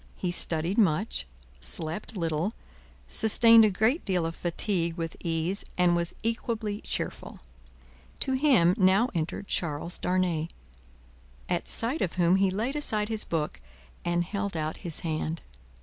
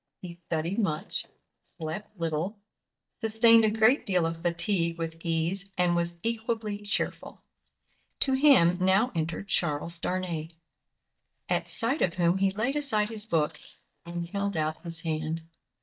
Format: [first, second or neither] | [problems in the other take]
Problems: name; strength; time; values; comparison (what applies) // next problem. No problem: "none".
first | noise reduction (neural mask model DeepFilterNet 3)